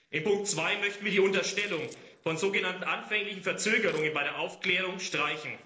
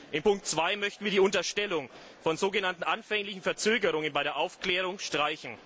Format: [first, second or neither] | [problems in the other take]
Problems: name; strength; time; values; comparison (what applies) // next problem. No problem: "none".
second | noise reduction (neural separator model SepFormer DNS4)